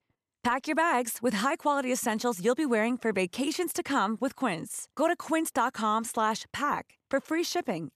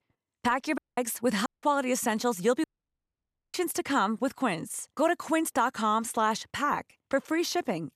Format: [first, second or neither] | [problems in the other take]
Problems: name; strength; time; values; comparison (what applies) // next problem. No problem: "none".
first | audio cutting out; at 1 s, at 1.5 s and at 2.5 s for 1 s